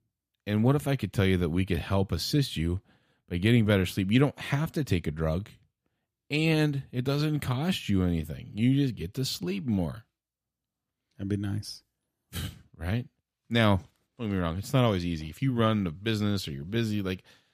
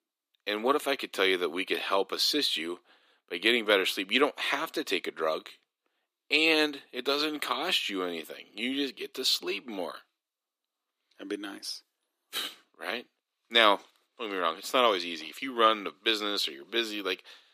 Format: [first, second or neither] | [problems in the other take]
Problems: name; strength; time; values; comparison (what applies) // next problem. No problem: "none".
first | thin; very; fading below 350 Hz